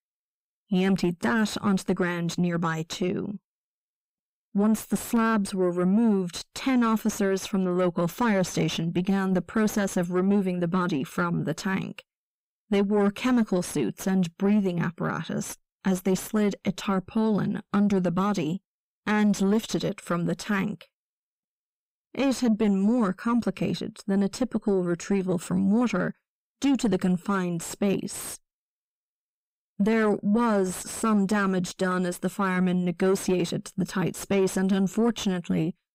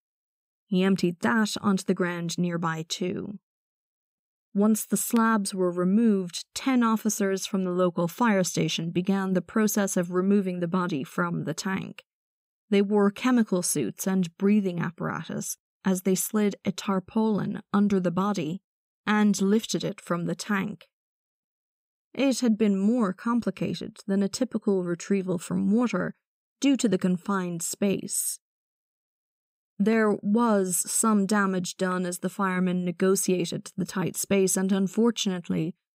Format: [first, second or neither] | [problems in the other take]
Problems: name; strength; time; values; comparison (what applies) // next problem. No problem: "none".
second | distortion; slight; 10 dB below the speech